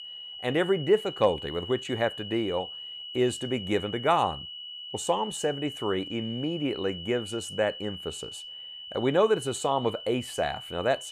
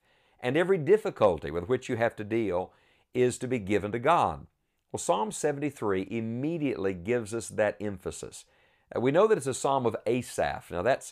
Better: second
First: high-pitched whine; loud; throughout; 3 kHz, 10 dB below the speech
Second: none

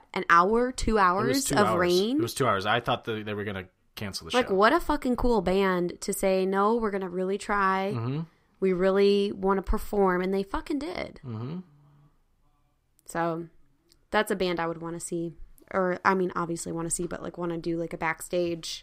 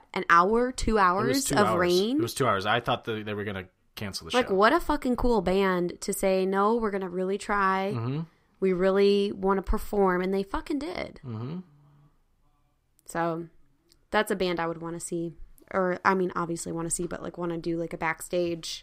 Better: neither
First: none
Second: none

